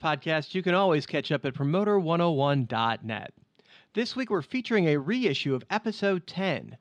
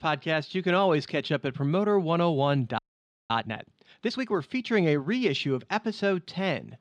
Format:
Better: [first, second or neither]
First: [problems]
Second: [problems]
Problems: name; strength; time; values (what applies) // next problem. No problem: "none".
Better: first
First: none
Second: audio freezing; at 3 s for 0.5 s